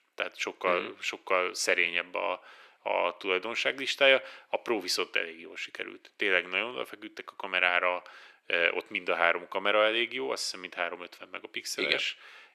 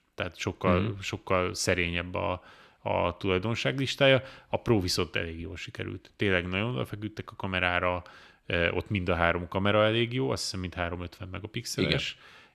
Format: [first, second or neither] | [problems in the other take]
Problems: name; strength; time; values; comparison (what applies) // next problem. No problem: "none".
second | thin; very; fading below 400 Hz